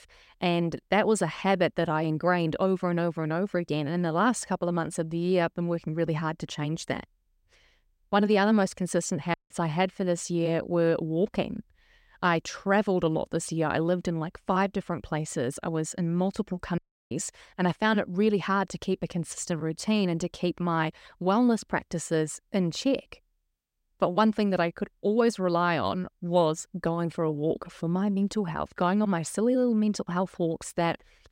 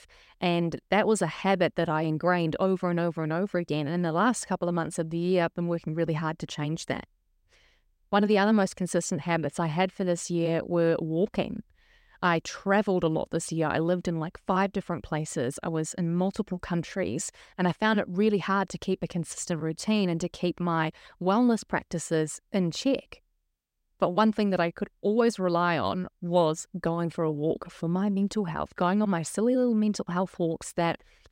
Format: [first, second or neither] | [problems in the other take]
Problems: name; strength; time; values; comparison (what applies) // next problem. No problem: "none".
second | audio cutting out; at 9.5 s and at 17 s